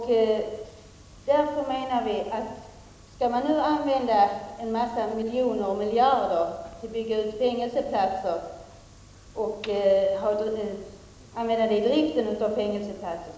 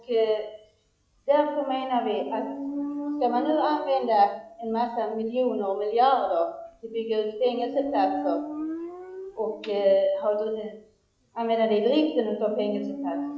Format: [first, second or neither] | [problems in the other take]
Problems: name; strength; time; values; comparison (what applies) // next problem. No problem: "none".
first | noise reduction (classical method log-MMSE)